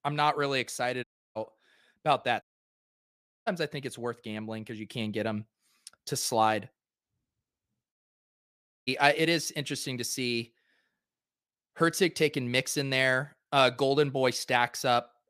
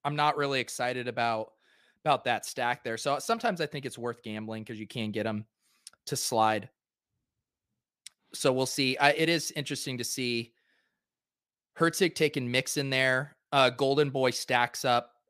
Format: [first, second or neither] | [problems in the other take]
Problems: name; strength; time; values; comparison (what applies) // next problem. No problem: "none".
second | audio cutting out; at 1 s, at 2.5 s for 1 s and at 8 s for 1 s